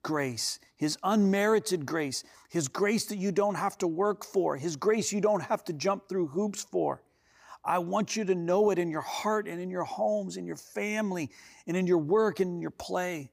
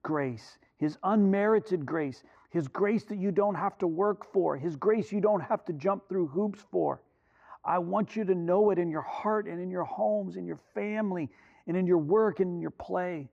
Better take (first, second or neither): first